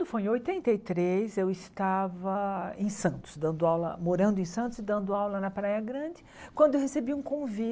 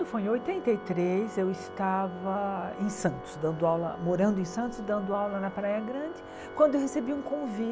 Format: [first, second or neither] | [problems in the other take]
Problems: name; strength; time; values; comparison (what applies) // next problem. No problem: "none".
first | background sound (Organ); 12 dB below the speech